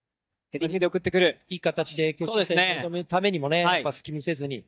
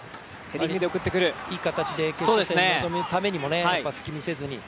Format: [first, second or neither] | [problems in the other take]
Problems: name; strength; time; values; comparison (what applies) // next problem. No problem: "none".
second | noise reduction (neural mask model DeepFilterNet 3)